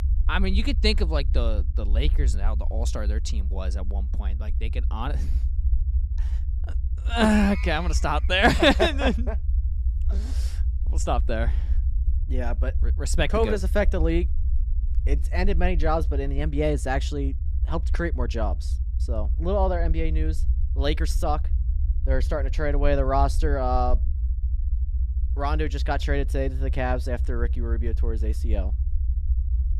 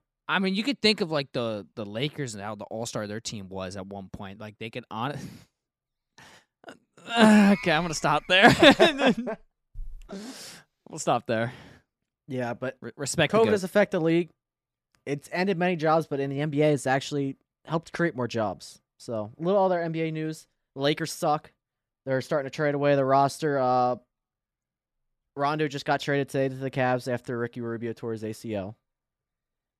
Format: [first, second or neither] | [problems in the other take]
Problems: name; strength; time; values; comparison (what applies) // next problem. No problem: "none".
second | low rumble; faint; throughout; 20 dB below the speech